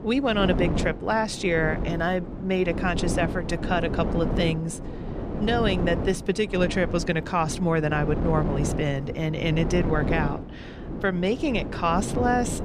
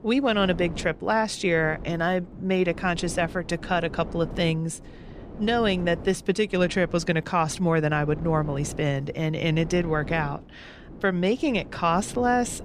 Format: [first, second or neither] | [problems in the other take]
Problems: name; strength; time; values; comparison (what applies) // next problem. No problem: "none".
second | wind noise on the microphone; heavy; 9 dB below the speech; occasional gusts in the second